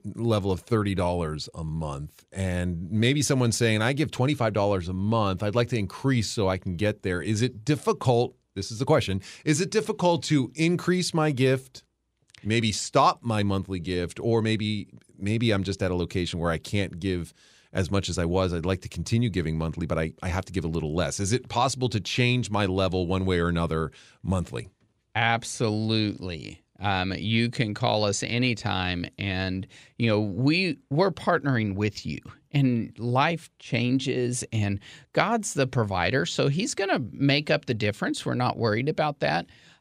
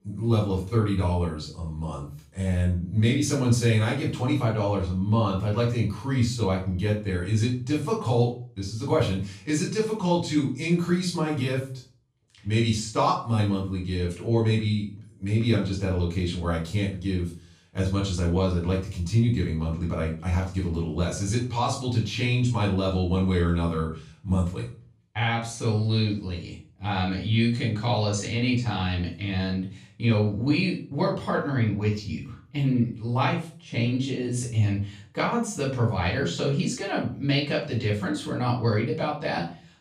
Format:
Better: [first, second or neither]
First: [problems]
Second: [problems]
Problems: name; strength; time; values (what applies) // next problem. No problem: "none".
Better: first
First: none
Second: off-mic speech; far // room echo; slight; dies away in 0.4 s